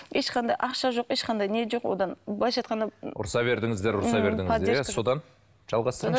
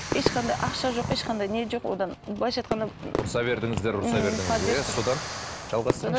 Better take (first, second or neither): first